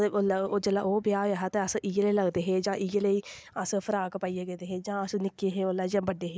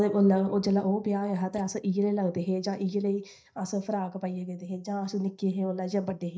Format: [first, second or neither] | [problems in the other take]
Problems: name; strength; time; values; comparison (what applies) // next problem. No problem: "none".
first | noise reduction (neural mask model DeepFilterNet 3)